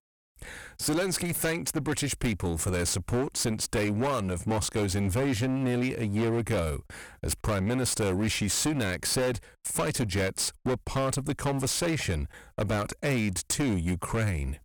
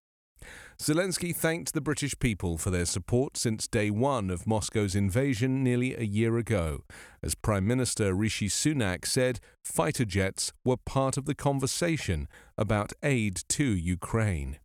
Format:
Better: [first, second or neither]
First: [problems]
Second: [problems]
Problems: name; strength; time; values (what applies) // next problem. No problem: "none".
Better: second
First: distortion; heavy; 20% of the sound clipped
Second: none